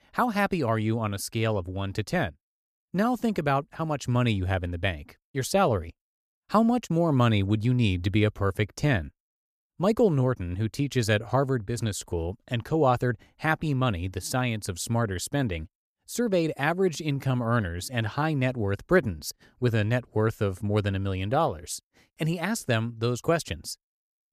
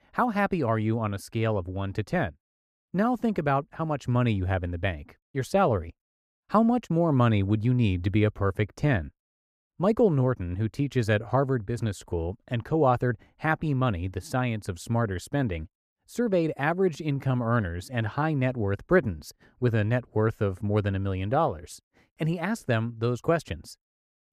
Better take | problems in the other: first | muffled; slightly; fading above 3 kHz

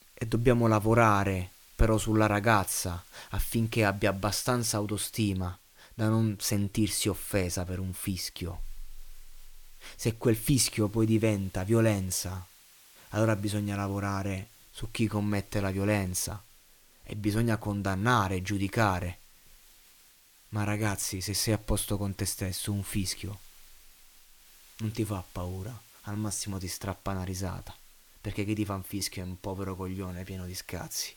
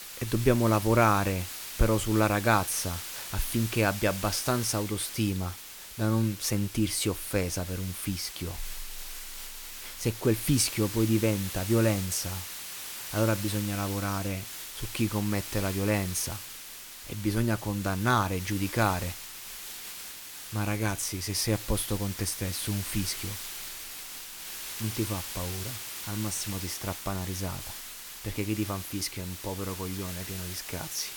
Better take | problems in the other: first | hiss; loud; throughout; 8 dB below the speech; faint in the first

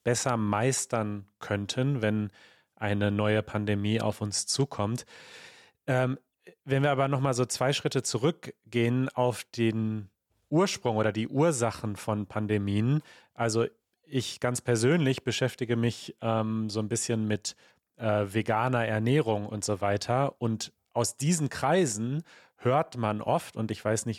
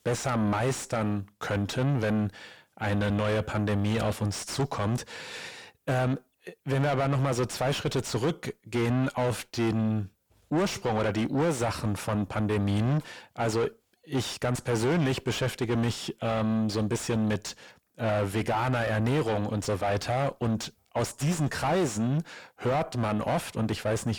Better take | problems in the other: first | distortion; heavy; 5 dB below the speech

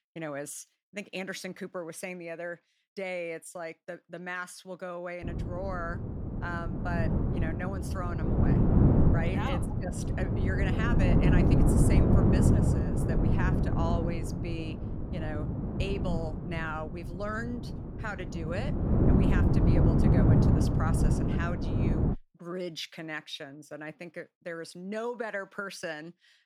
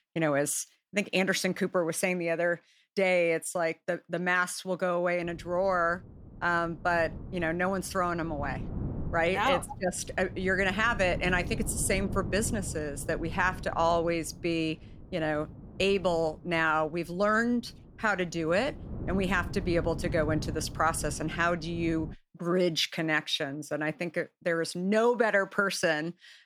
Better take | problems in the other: second | wind noise on the microphone; heavy; from 5 to 22 s; 2 dB above the speech; occasional gusts in the second

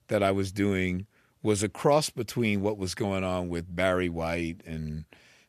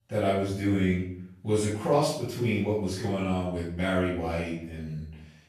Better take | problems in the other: first | off-mic speech; far // room echo; noticeable; dies away in 0.5 s

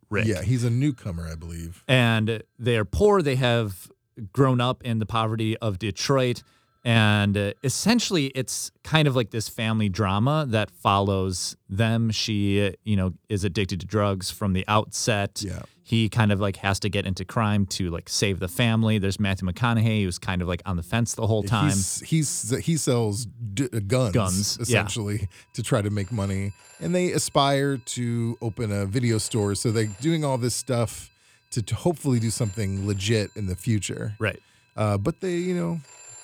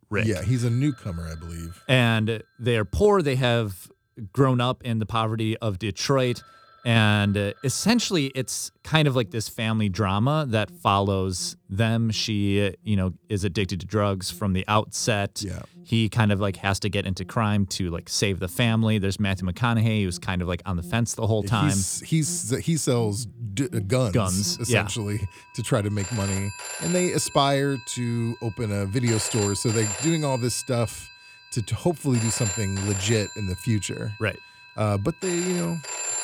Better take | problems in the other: first | alarms or sirens; loud; throughout; 10 dB below the speech; faint in the first

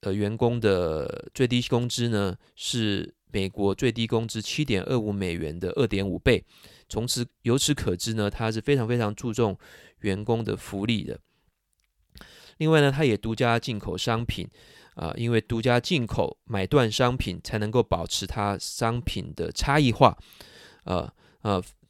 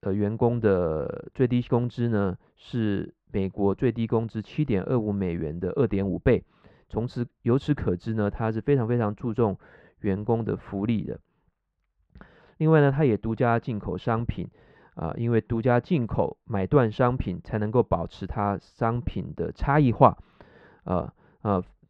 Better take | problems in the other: first | muffled; very; fading above 1 kHz

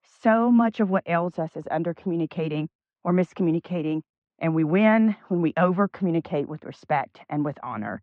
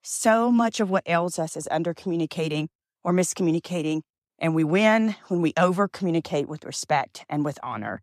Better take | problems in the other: second | muffled; very; fading above 2.5 kHz

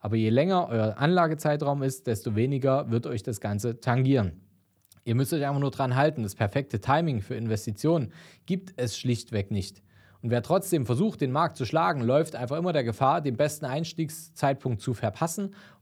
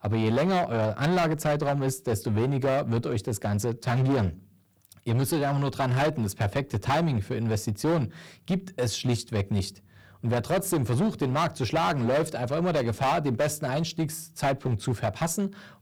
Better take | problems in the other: first | distortion; heavy; 14% of the sound clipped

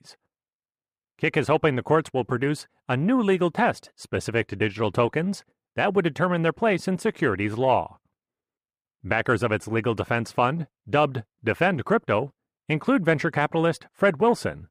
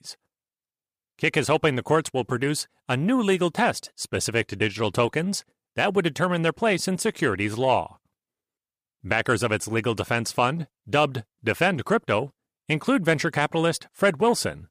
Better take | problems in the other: second | muffled; slightly; fading above 3 kHz

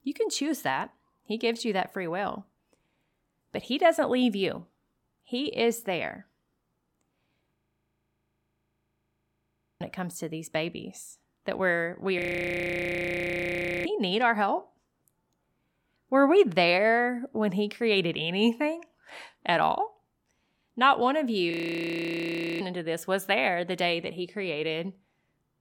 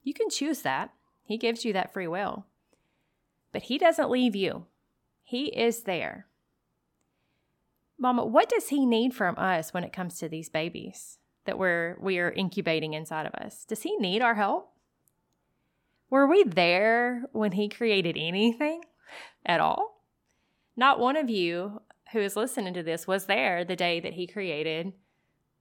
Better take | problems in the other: second | audio freezing; at 7.5 s for 2.5 s, at 12 s for 1.5 s and at 22 s for 1 s

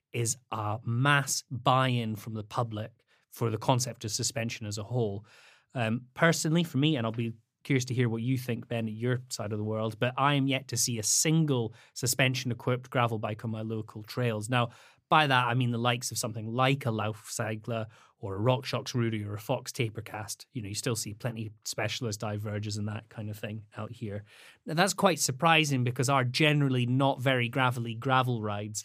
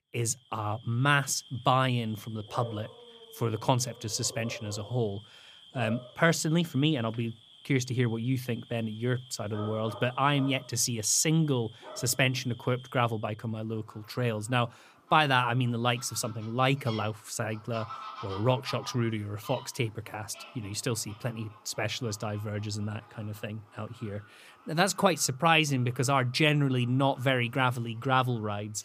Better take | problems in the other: first | animal sounds; noticeable; throughout; 20 dB below the speech

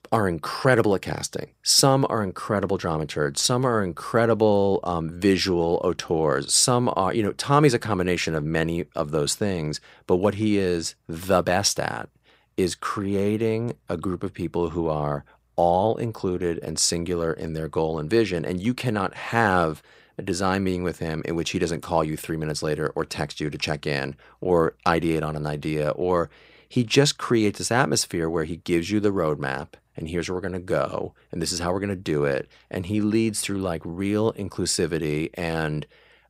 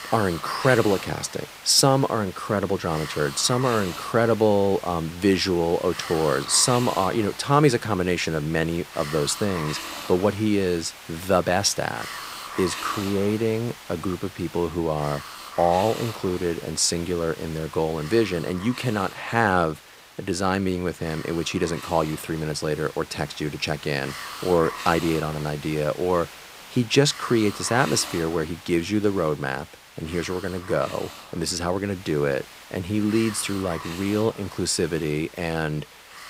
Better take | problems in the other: first | hiss; noticeable; throughout; 15 dB below the speech

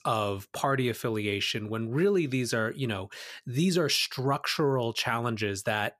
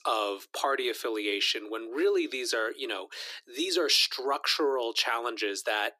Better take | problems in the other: first | thin; very; fading below 300 Hz

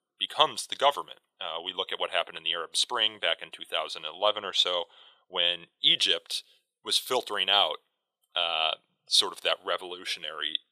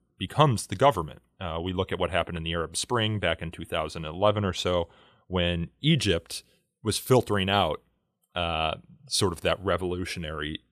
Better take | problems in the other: second | thin; very; fading below 650 Hz

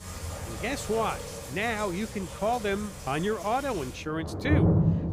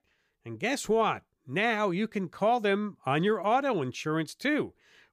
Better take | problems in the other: second | rain or running water; loud; throughout; 1 dB below the speech

